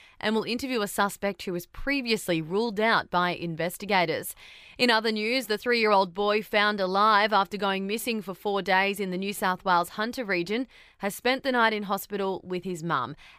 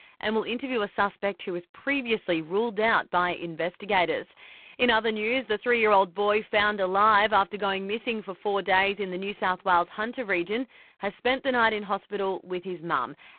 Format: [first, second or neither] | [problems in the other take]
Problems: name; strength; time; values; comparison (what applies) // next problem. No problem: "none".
first | phone-call audio; poor line